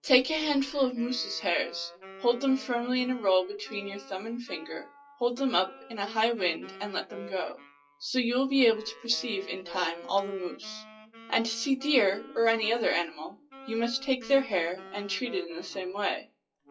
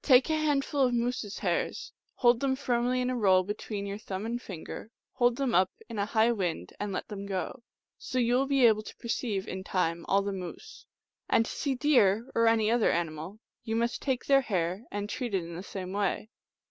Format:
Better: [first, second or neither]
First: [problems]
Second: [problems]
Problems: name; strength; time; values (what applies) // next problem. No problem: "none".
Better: second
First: noise reduction (classical method WPE with log-MMSE)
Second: none